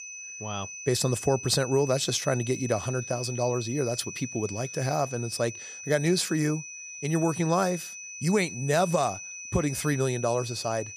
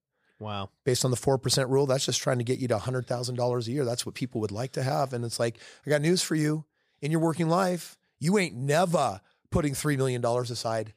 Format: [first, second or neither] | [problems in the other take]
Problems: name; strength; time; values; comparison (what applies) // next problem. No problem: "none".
second | high-pitched whine; loud; throughout; 6 kHz, 10 dB below the speech